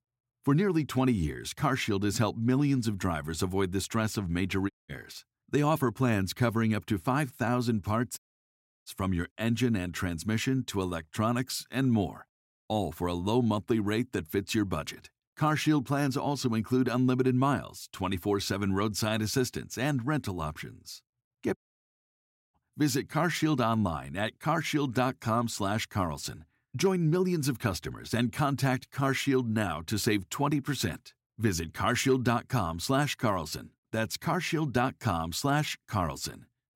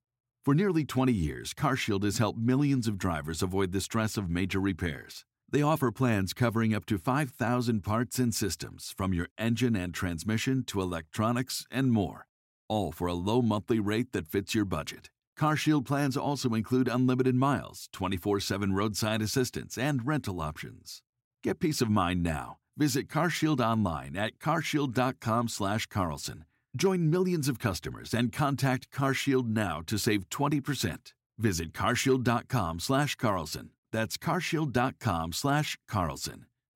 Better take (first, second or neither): second